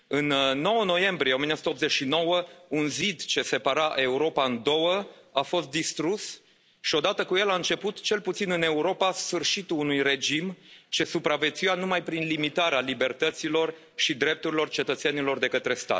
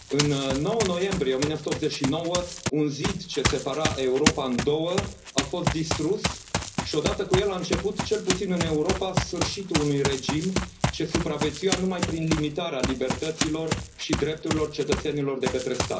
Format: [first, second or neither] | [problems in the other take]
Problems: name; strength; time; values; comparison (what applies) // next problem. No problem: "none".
first | background sound (Run); 3 dB below the speech // room echo; dies away in 0.5 s